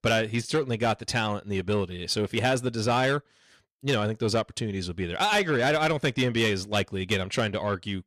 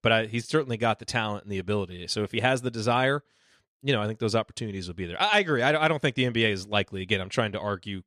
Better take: second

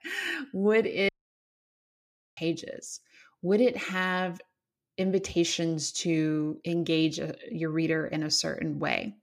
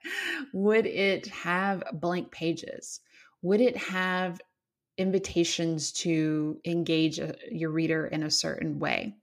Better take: second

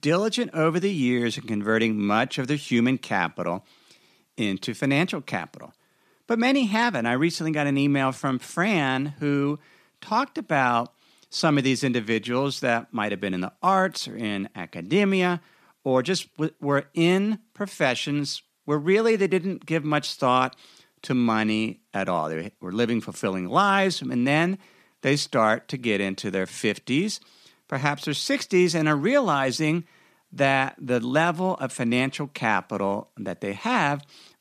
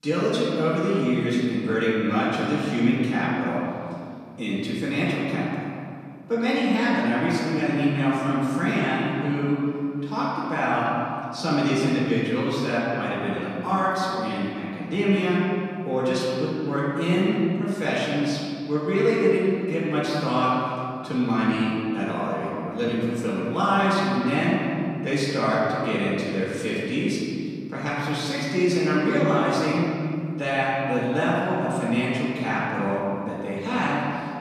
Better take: first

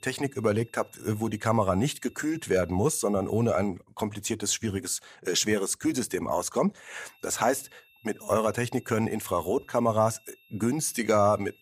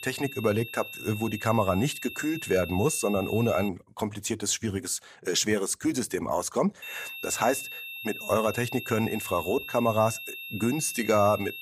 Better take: first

